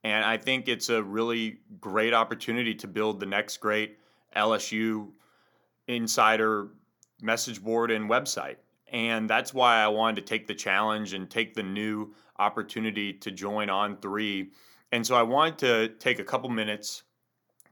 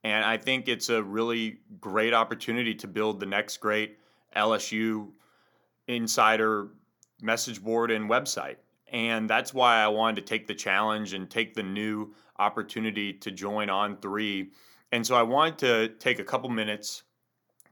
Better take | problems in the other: neither | none

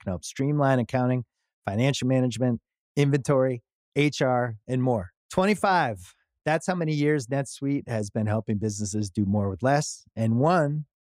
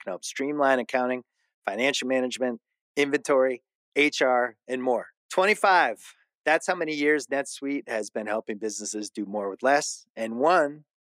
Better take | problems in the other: first | thin; somewhat; fading below 300 Hz

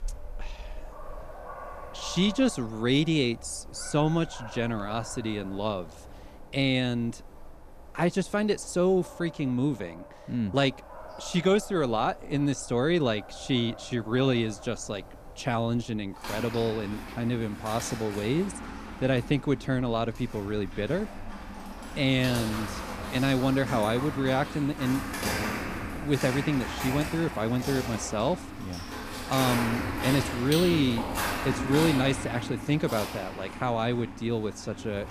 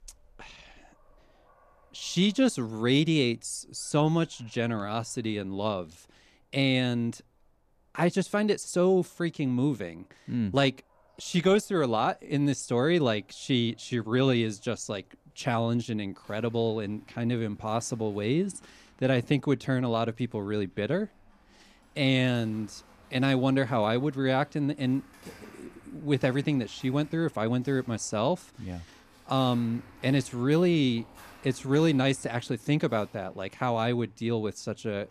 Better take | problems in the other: second | animal sounds; loud; throughout; 8 dB below the speech; faint in the second

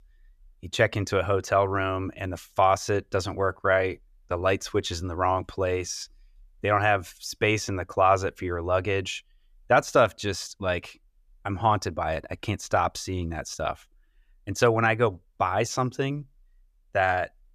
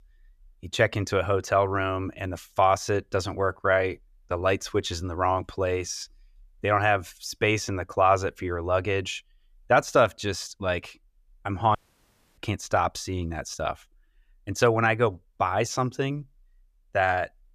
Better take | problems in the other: first | audio cutting out; at 12 s for 0.5 s

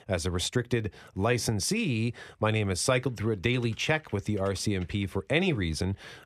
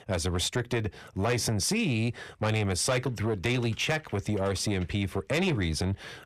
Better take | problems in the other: first | distortion; slight; 10 dB below the speech

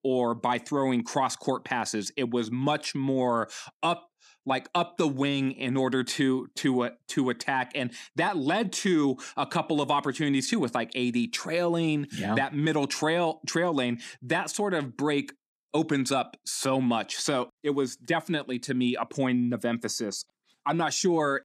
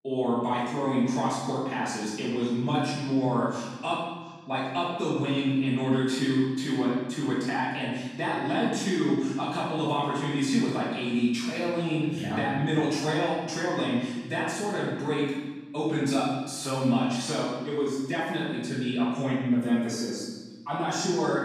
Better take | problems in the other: first | room echo; strong; dies away in 1.2 s // off-mic speech; far

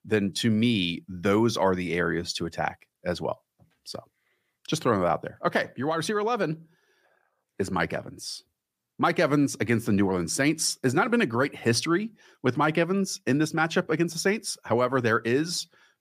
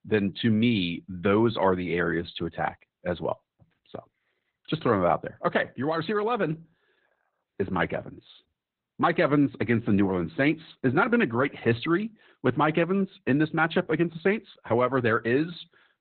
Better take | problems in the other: first | garbled, watery; badly; nothing above 4 kHz

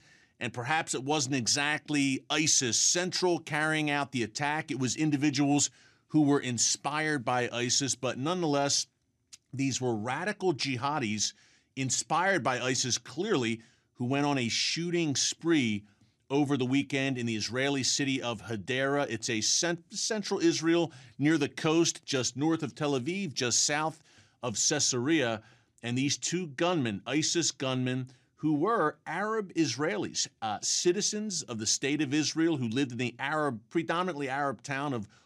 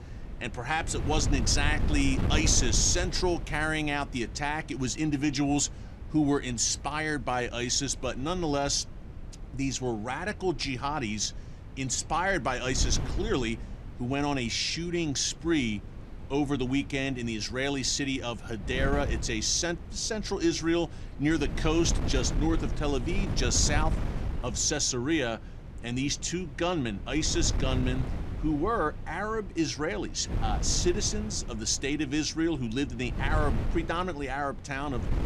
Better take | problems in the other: first | wind noise on the microphone; occasional gusts; 15 dB below the speech

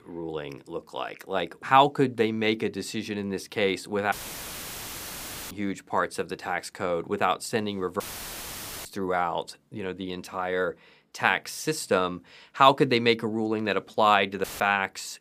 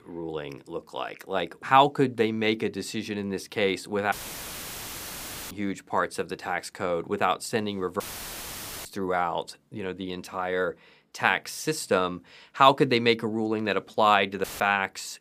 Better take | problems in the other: neither | audio cutting out; filled with static; at 4 s for 1.5 s, at 8 s for 1 s and at 14 s; the same in both

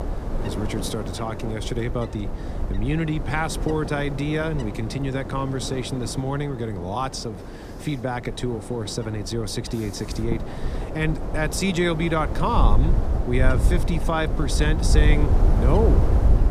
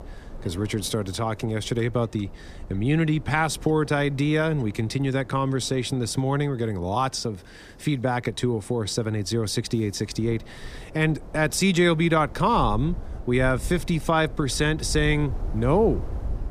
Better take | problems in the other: second | wind noise on the microphone; heavy; 7 dB below the speech; occasional gusts in the second

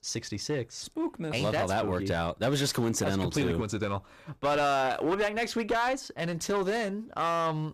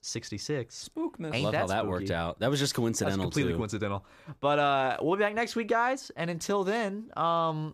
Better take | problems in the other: second | distortion; slight; 11% of the sound clipped

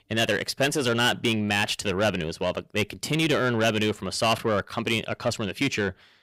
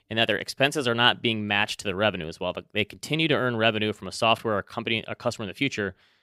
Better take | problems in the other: second | distortion; heavy; 7 dB below the speech

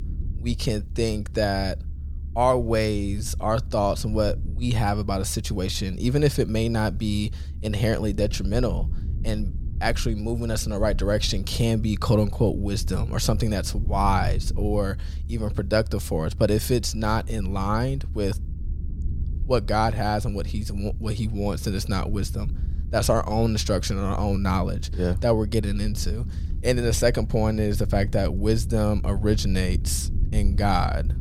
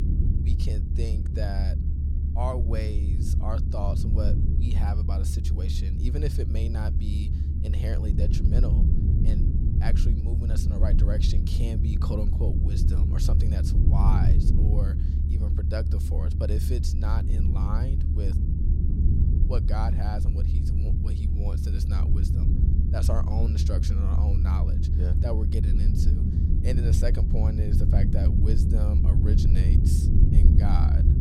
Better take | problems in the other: first | low rumble; loud; throughout; 1 dB below the speech; faint in the first

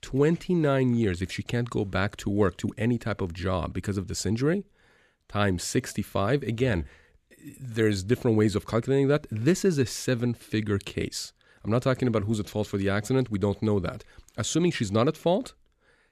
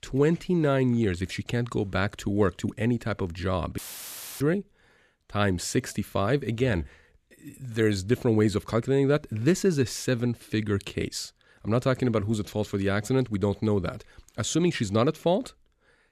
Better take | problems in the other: first | audio cutting out; filled with static; at 4 s for 0.5 s

